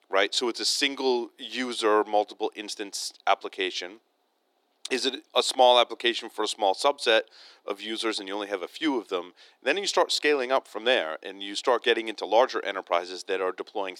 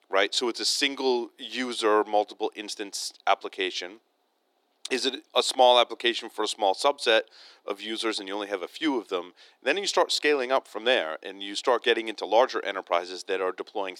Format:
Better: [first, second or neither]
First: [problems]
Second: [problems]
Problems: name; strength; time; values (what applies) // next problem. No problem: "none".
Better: neither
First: thin; somewhat; fading below 300 Hz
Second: thin; somewhat; fading below 300 Hz